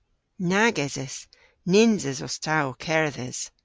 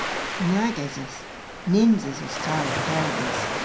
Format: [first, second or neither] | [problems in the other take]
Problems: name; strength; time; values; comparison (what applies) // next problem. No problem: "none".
first | background sound (Waves, surf); 4 dB below the speech // room echo; dies away in 0.2 s